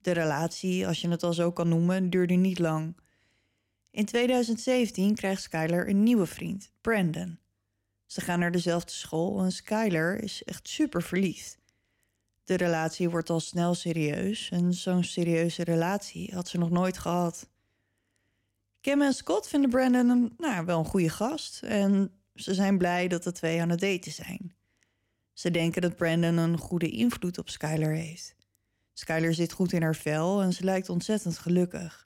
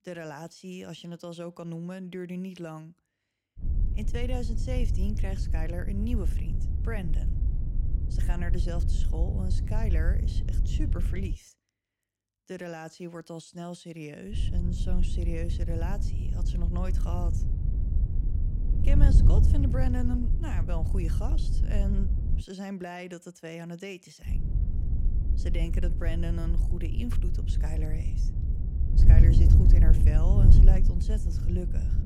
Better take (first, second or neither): first